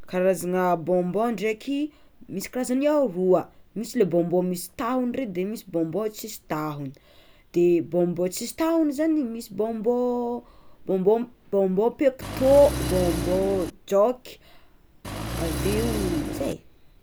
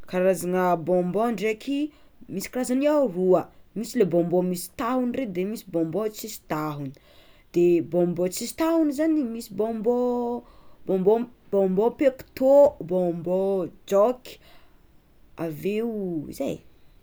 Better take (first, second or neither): second